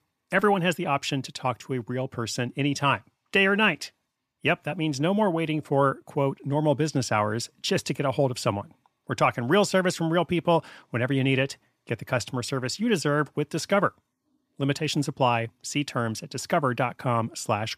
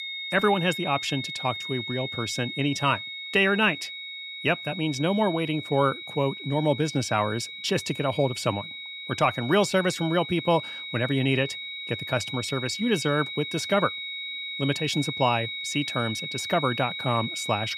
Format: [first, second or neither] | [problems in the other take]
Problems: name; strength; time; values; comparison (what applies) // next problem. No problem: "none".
first | high-pitched whine; loud; throughout; 2 kHz, 7 dB below the speech